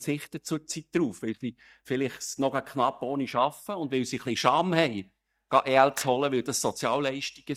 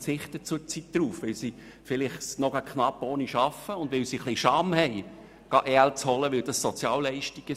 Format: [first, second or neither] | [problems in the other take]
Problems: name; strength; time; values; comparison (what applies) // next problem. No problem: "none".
second | noise reduction (neural mask model DeepFilterNet 3)